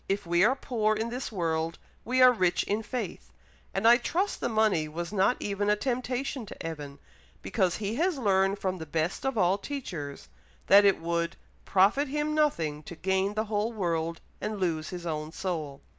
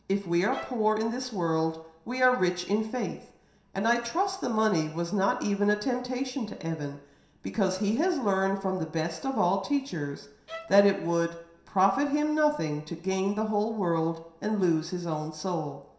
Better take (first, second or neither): first